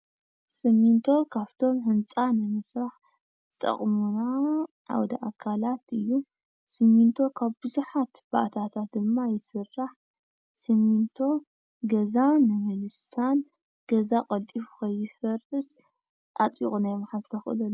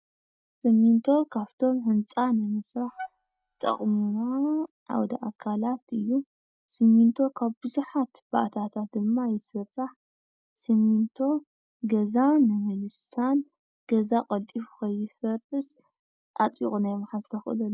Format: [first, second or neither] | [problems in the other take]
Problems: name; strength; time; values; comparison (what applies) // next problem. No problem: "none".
first | noise reduction (neural mask model DeepFilterNet 3)